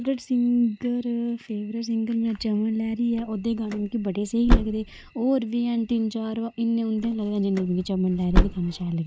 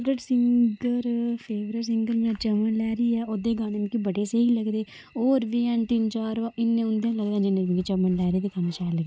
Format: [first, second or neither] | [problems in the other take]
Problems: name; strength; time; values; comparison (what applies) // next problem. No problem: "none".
second | background sound (Slam / Car); 1 dB below the speech